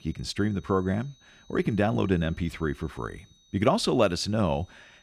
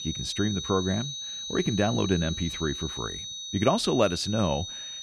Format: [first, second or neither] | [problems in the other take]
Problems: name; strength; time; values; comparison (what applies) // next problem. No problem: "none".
first | high-pitched whine; loud; throughout; 4 kHz, 6 dB below the speech; faint in the first